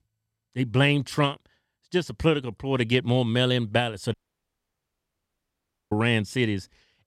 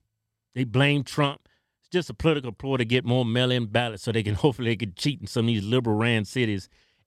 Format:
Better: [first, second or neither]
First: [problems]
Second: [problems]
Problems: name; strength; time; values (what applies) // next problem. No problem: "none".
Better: second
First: audio cutting out; at 4 s for 2 s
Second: none